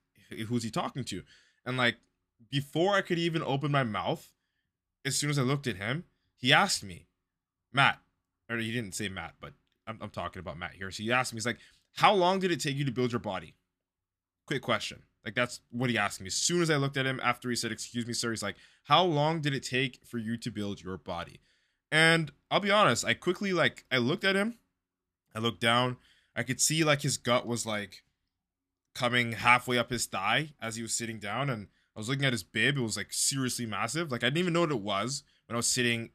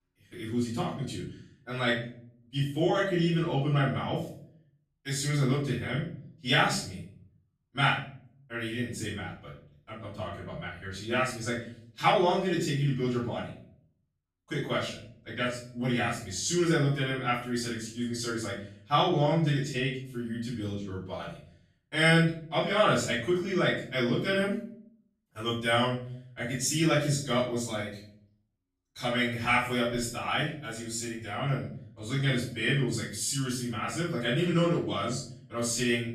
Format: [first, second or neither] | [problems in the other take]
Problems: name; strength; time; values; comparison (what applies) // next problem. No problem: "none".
first | off-mic speech; far // room echo; noticeable; dies away in 0.5 s